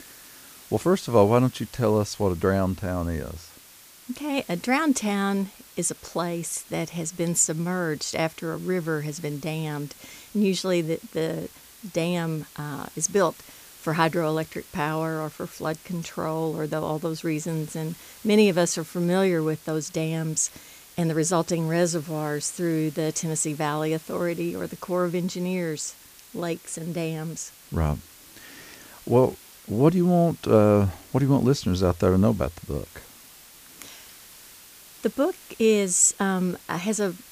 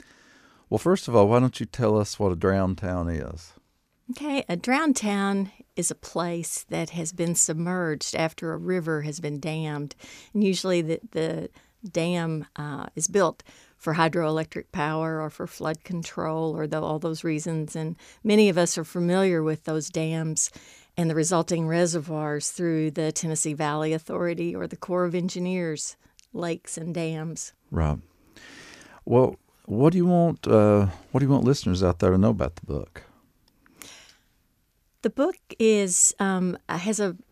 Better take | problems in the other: second | hiss; faint; throughout; 20 dB below the speech

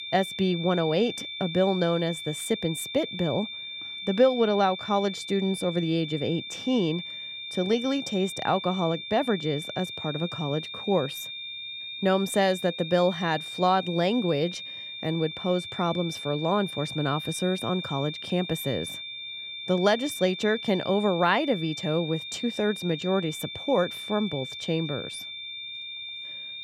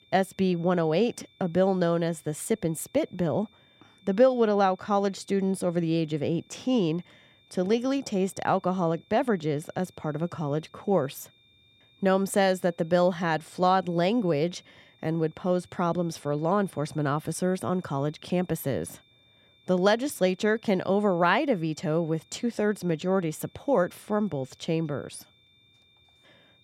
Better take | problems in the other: second | high-pitched whine; loud; throughout; 3.5 kHz, 8 dB below the speech; faint in the second

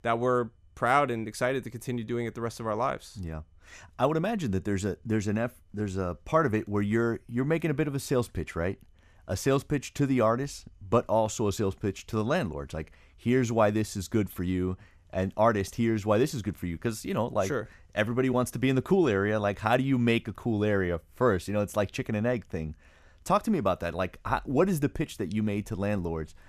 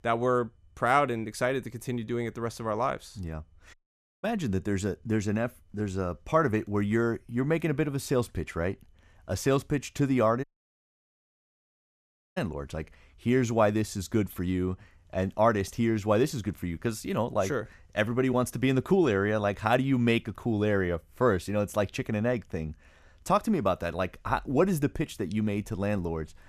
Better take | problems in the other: first | audio cutting out; at 3.5 s and at 10 s for 2 s

